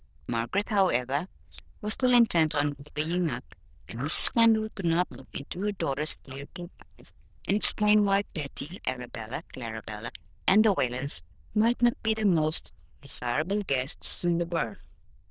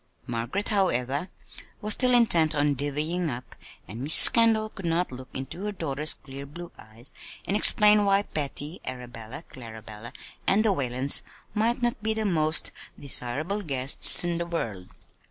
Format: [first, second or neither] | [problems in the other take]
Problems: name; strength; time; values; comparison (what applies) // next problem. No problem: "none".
second | noise reduction (neural diffusion model UNIVERSE++)